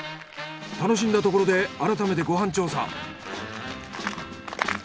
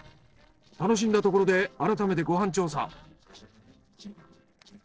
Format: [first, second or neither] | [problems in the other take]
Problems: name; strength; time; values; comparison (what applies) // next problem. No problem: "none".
first | noise reduction (neural separator model SepFormer DNS4)